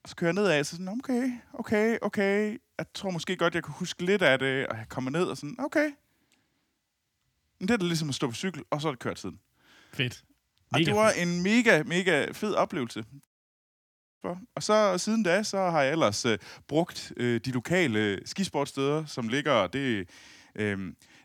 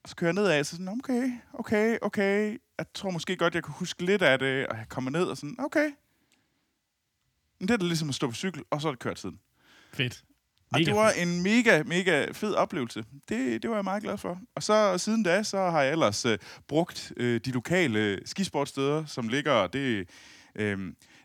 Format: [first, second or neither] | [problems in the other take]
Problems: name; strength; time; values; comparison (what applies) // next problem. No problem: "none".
second | audio cutting out; at 13 s for 1 s